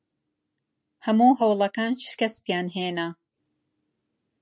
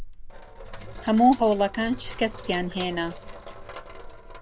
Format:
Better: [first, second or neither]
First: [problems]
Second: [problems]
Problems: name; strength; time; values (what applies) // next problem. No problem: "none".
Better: first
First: none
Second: background sound (Sink (filling or washing)); 12 dB below the speech